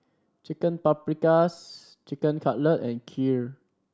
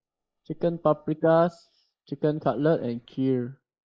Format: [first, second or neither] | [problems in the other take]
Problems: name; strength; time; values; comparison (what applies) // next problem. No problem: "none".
first | noise reduction (neural mask model Resemble Enhance denoiser)